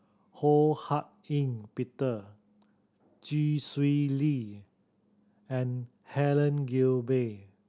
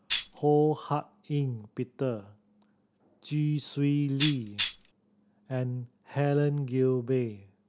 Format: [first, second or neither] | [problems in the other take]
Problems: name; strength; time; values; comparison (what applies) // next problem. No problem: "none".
first | background sound (Tambourine); 4 dB below the speech